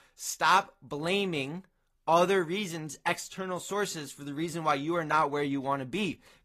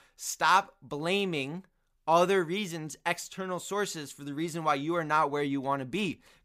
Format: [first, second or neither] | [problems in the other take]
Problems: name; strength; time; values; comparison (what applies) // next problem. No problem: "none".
second | garbled, watery; slightly; nothing above 14.5 kHz